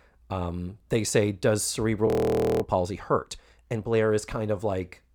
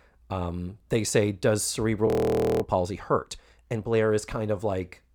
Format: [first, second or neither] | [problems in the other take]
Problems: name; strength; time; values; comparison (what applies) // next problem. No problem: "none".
neither | audio freezing; at 2 s for 0.5 s; the same in both